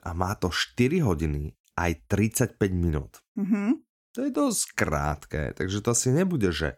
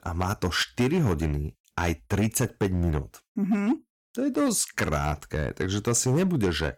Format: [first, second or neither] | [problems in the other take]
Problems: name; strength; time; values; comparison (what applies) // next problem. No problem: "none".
first | distortion; slight; 7% of the sound clipped